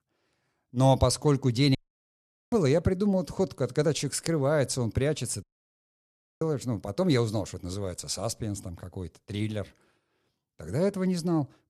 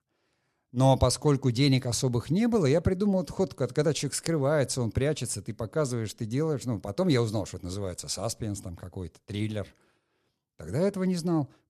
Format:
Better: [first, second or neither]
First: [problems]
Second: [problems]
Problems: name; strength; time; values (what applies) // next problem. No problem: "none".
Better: second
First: audio cutting out; at 2 s for 1 s and at 5.5 s for 1 s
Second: none